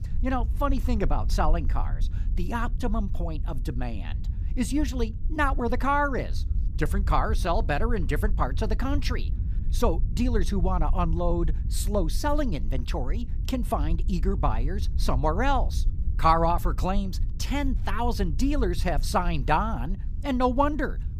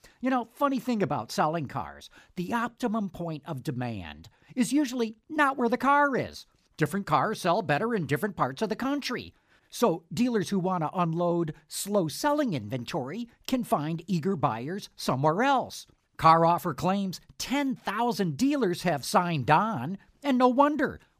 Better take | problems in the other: second | low rumble; faint; throughout; 20 dB below the speech

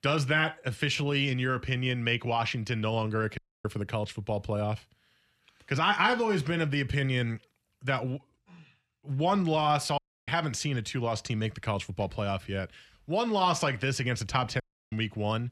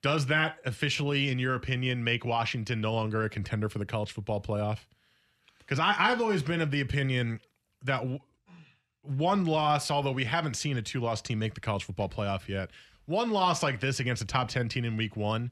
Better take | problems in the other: second | audio cutting out; at 3.5 s, at 10 s and at 15 s

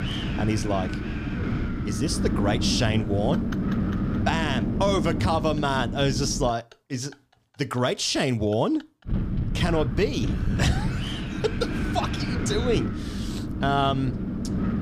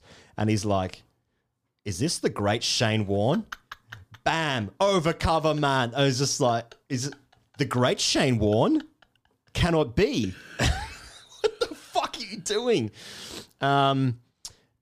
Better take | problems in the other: second | wind noise on the microphone; heavy; until 6.5 s and from 9 s on; 8 dB below the speech

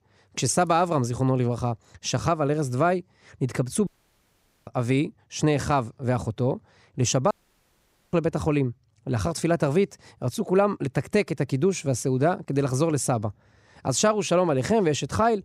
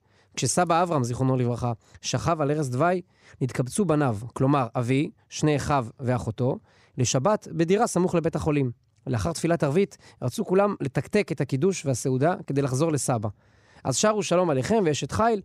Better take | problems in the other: second | audio cutting out; at 4 s for 1 s and at 7.5 s for 1 s

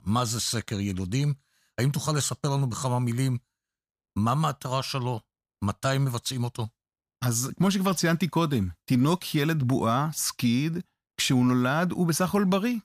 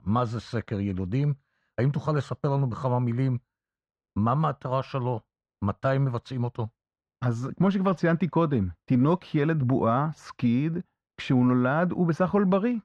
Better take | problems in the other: first | muffled; very; fading above 2 kHz

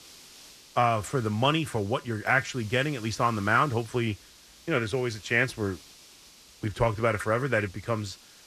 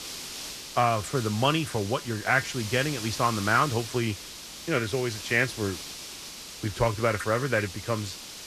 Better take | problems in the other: first | hiss; loud; throughout; 10 dB below the speech; faint in the first

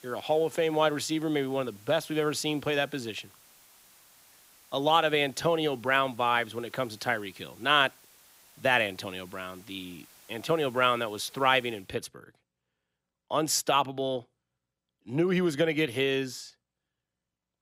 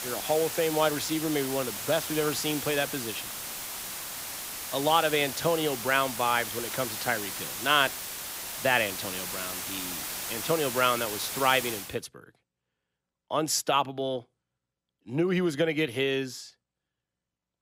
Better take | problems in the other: first | hiss; loud; until 12 s; 5 dB below the speech; faint in the first

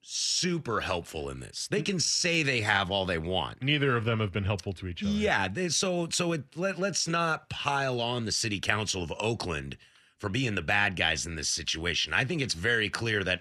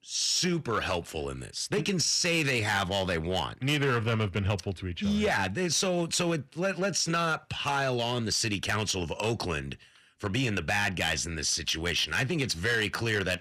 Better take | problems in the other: first | distortion; slight; 6% of the sound clipped

